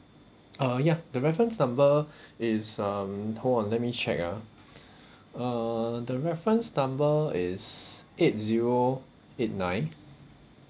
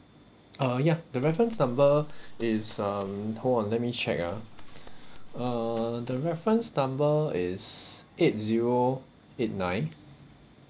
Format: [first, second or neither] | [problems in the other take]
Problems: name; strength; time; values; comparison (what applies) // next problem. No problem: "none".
first | background sound (Gunshot, gunfire); 13 dB below the speech